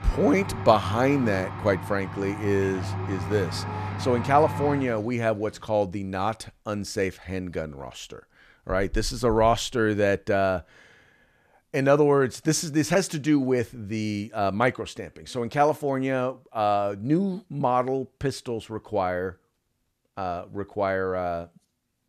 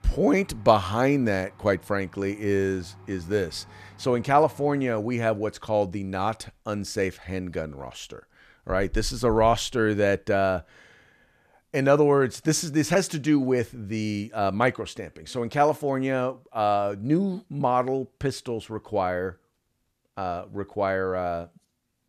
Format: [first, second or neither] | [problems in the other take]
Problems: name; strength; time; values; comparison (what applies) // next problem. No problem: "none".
second | household noises; loud; until 5.5 s; 8 dB below the speech; faint in the second